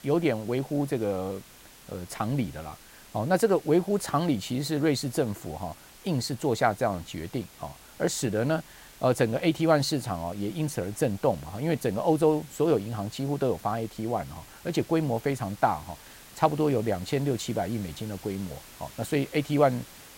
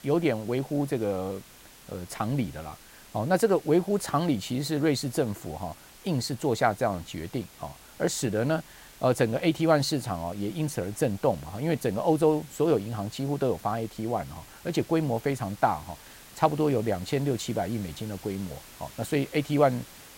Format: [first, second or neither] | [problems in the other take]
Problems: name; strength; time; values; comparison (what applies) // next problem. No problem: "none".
neither | hiss; faint; throughout; 20 dB below the speech; the same in both